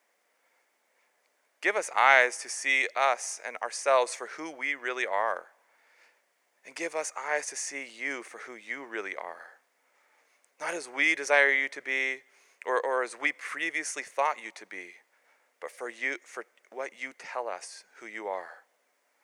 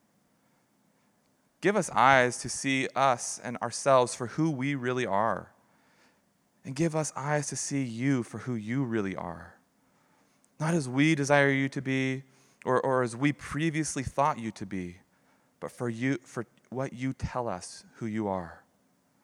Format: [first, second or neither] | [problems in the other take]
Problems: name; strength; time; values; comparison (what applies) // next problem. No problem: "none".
second | thin; very; fading below 450 Hz